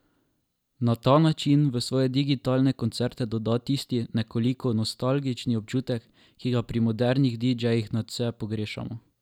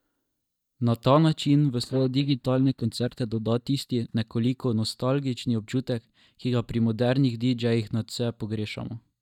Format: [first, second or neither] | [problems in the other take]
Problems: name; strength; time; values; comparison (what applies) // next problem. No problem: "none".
first | noise reduction (neural mask model DeepFilterNet 3)